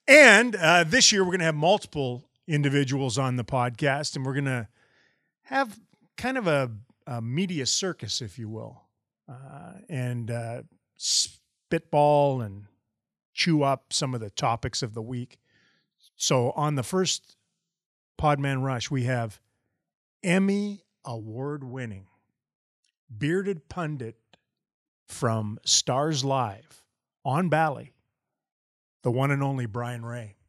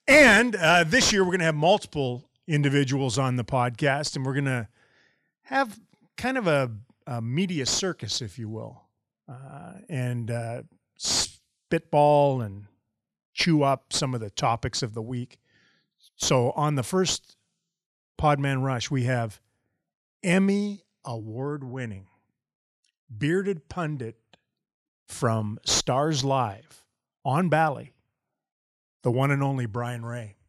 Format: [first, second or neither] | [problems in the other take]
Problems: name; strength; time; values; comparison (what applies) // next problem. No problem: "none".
first | distortion; slight; 10 dB below the speech